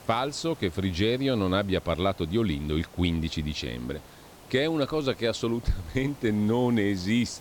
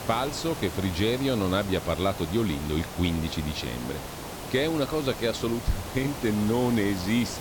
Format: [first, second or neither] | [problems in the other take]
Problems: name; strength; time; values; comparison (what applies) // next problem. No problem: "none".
first | hiss; loud; throughout; 9 dB below the speech; faint in the first